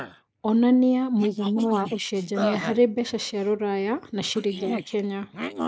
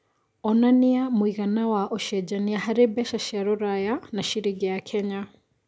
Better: second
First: noise reduction (neural mask model Resemble Enhance denoiser)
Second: none

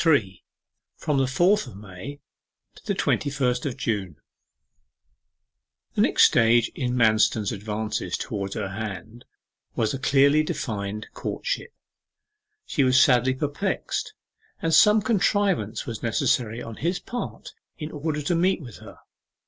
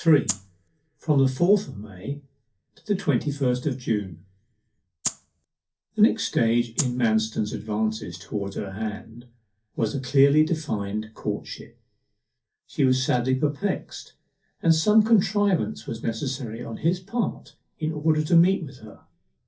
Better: first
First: none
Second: background sound (Rattle (instrument)); 7 dB below the speech // room echo; dies away in 0.3 s

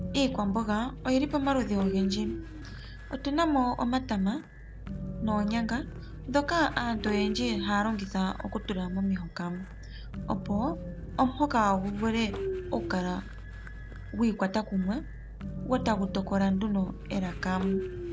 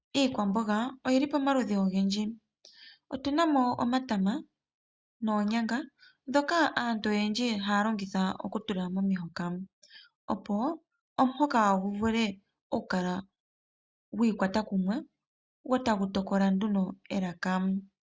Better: second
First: background sound (Growling + Train); 8 dB below the speech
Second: none

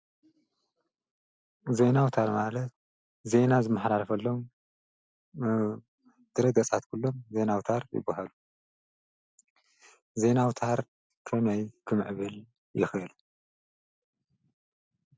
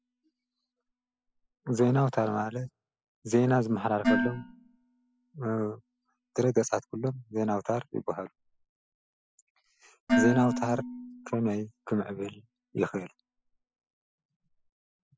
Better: first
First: none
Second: noise reduction (classical method spectral subtraction)

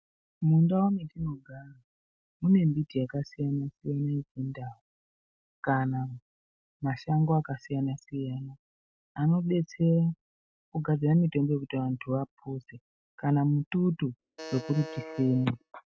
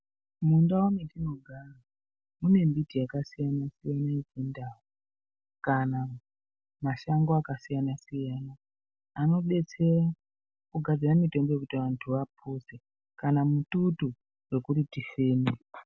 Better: second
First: noise reduction (neural mask model RNNoise)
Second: none

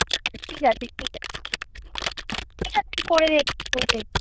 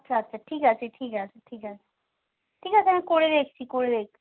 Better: second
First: noise reduction (neural diffusion model UNIVERSE++)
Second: none

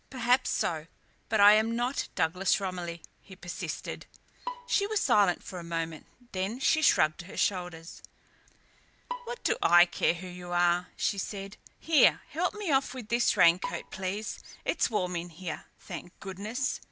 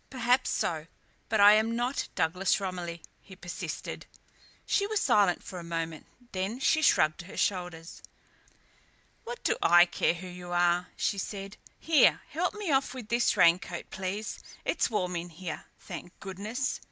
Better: second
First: background sound (Bowed string instrument); 14 dB below the speech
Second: none

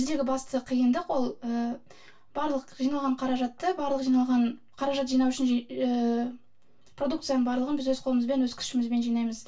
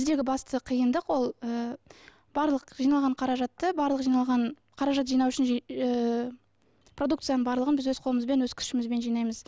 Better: second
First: room echo; dies away in 0.2 s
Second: none

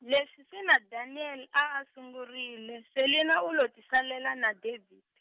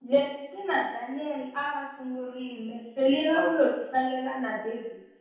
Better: first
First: none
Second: room echo; dies away in 0.8 s

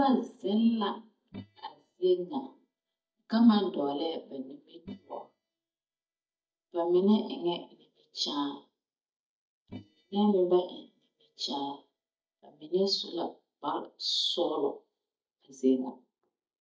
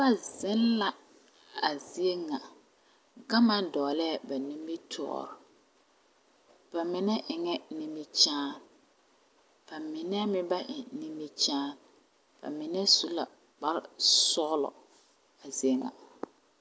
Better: second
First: noise reduction (neural mask model DeepFilterNet 3)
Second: none

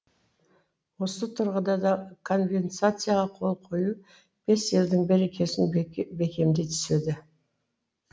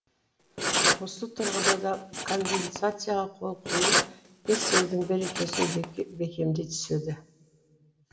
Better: first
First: none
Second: background sound (Writing); 2 dB above the speech // room echo; dies away in 0.7 s

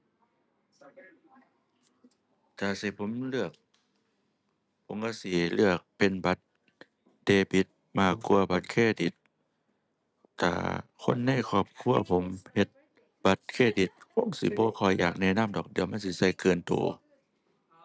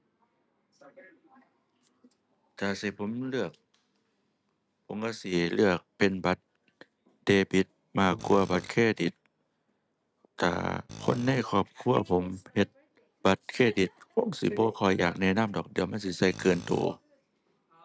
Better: first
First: none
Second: background sound (Tools); 18 dB below the speech

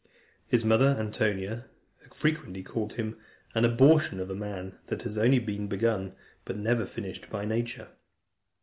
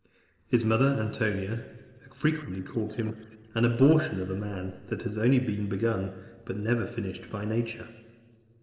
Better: first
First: none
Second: noise reduction (neural separator model SepFormer DNS4)

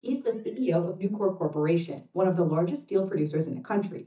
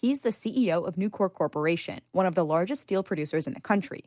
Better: second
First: noise reduction (neural mask model DeepFilterNet 3)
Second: none

